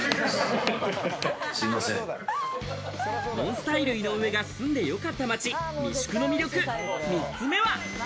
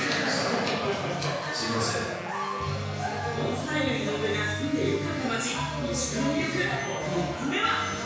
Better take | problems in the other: first | background sound (Wind instrument, woodwind instrument); 11 dB below the speech // room echo; dies away in 1.1 s

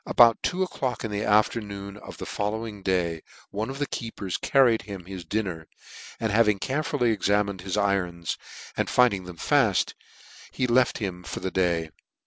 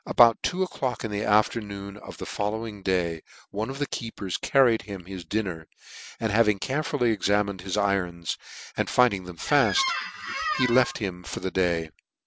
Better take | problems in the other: first | background sound (Squeak); 5 dB below the speech

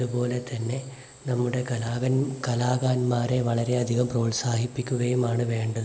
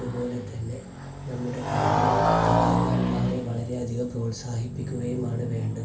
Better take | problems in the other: first | background sound (Motorcycle); 4 dB above the speech // room echo; dies away in 0.2 s

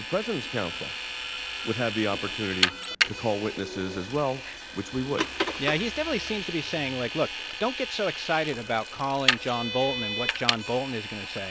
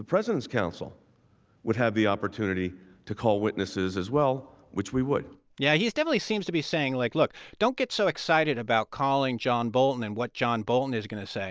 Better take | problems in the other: second | background sound (Vehicle); 2 dB below the speech

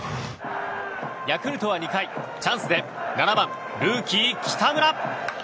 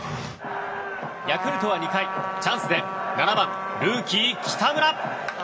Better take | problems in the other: first | background sound (Trumpet); 8 dB below the speech // room echo; dies away in 1.4 s

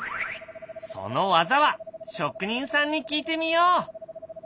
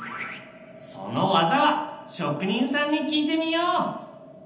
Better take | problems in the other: first | room echo; dies away in 0.9 s

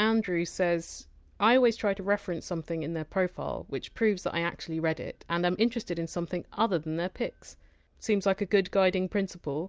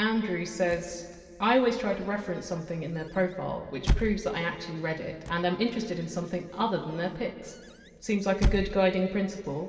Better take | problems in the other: first | background sound (Squeak / Slam / Wood); 6 dB below the speech // room echo; dies away in 2.3 s

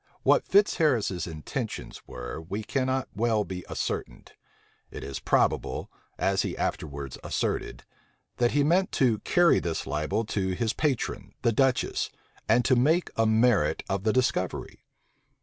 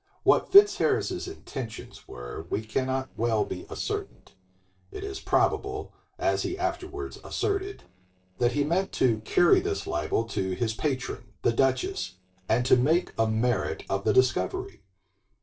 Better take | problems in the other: first | noise reduction (neural separator model SepFormer DNS4)

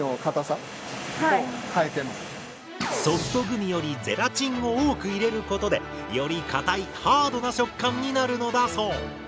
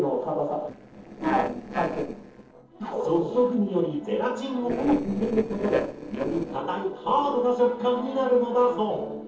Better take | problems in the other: first | noise reduction (neural separator model SepFormer DNS4)

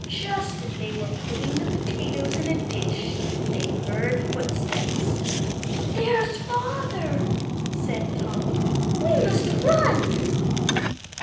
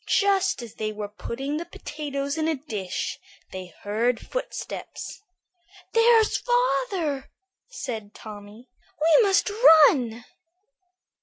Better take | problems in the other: second | background sound (Fire); 4 dB above the speech // room echo; dies away in 0.9 s

